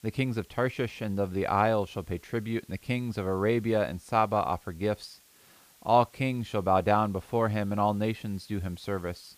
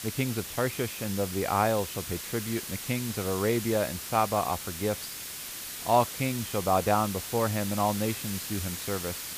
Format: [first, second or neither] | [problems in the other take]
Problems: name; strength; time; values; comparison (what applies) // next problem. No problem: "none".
first | hiss; loud; throughout; 6 dB below the speech; faint in the first